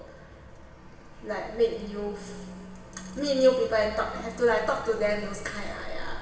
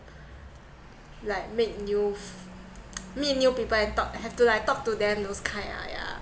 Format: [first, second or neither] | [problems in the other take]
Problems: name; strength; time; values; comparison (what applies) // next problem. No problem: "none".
second | room echo; dies away in 1.3 s